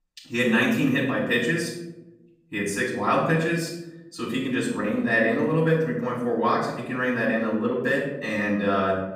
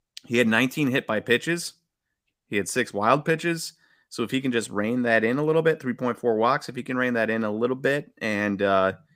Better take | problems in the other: second | off-mic speech; far // room echo; noticeable; dies away in 0.8 s

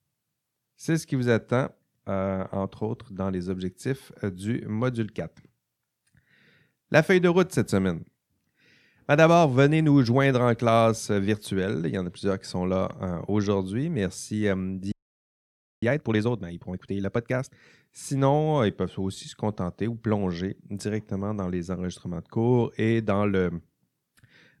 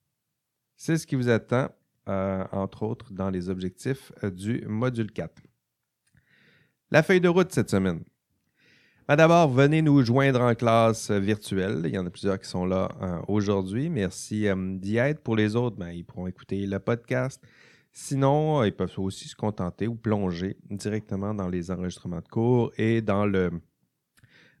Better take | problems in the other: second | audio freezing; at 15 s for 1 s

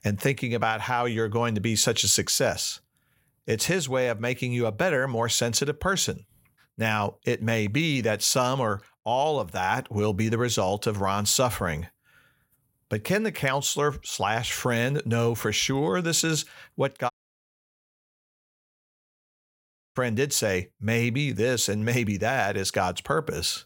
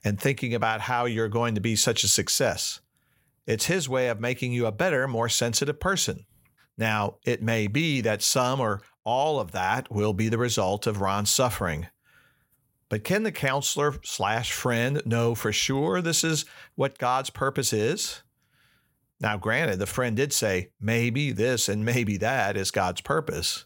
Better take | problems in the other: second | audio cutting out; at 17 s for 3 s

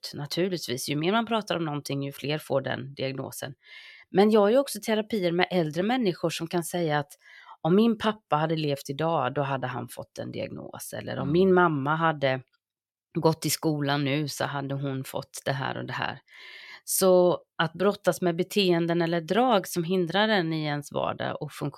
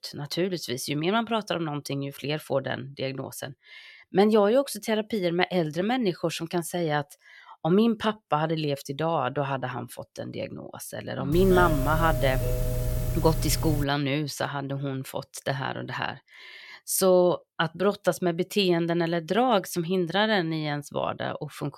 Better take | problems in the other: first | doorbell; noticeable; from 11 to 14 s; peak 1 dB below the speech

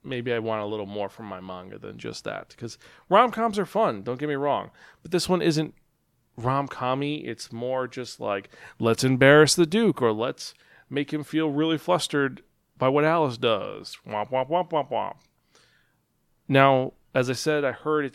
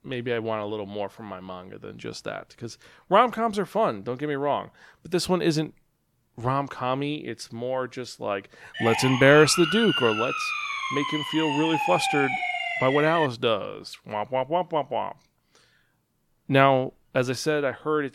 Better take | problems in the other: first | siren; noticeable; from 8.5 to 13 s; peak level with the speech

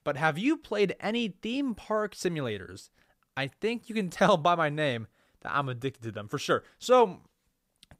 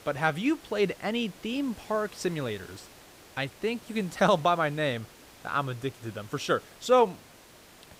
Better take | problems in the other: first | hiss; faint; throughout; 20 dB below the speech

